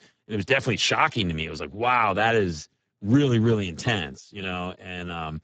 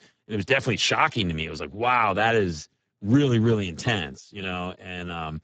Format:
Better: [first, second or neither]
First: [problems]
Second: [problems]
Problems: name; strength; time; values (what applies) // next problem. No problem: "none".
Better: neither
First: garbled, watery; badly; nothing above 7.5 kHz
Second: garbled, watery; badly; nothing above 7.5 kHz